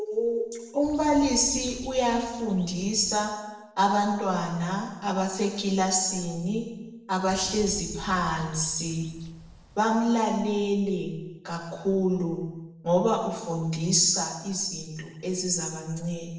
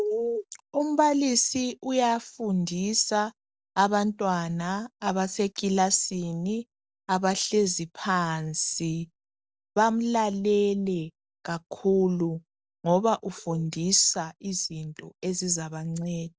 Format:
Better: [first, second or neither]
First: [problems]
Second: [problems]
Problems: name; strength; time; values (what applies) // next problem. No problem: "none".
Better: second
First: background sound (Bird); 17 dB below the speech // room echo; dies away in 1 s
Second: none